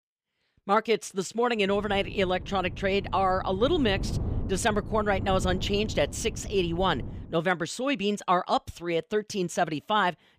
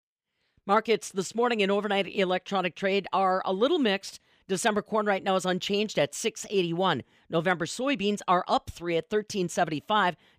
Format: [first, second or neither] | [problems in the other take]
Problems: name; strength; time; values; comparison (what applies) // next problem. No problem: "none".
second | wind noise on the microphone; occasional gusts; from 1.5 to 7.5 s; 20 dB below the speech